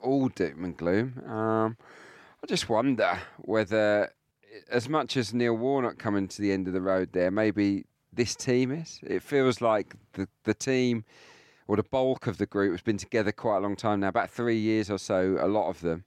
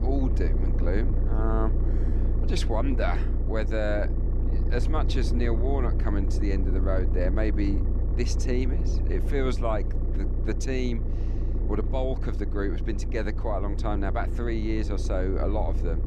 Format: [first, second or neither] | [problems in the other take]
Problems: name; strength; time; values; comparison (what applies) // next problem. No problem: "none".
first | low rumble; loud; throughout; 8 dB below the speech